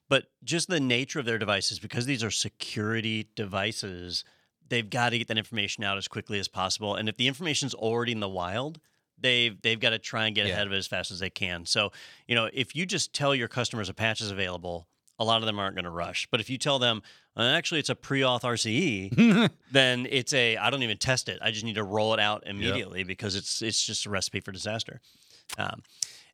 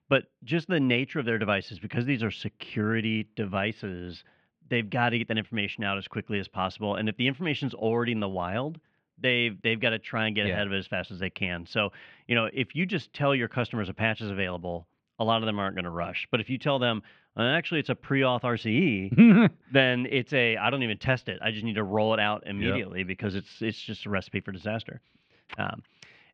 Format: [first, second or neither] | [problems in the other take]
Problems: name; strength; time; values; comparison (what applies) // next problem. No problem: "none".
first | muffled; very; fading above 2.5 kHz